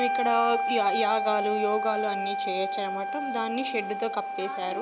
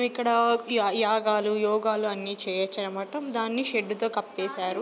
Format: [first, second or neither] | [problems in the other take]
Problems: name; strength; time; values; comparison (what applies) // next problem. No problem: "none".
second | background sound (Wind instrument, woodwind instrument); as loud as the speech